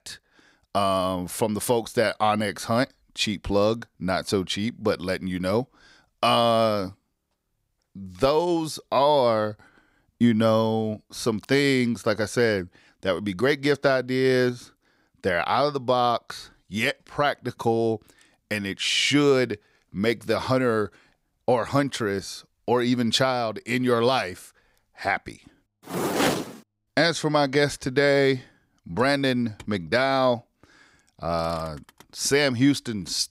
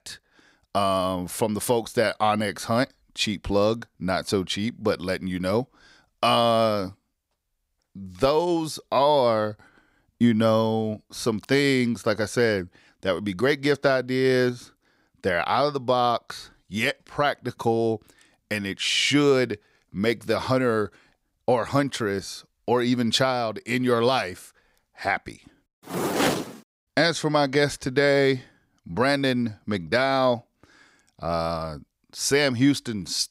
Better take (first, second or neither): second